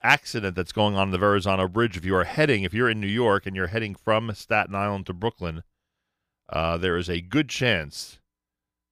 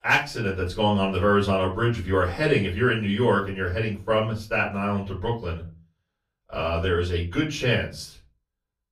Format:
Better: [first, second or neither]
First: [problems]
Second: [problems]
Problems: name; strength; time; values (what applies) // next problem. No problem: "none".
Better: first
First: none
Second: off-mic speech; far // room echo; slight; dies away in 0.3 s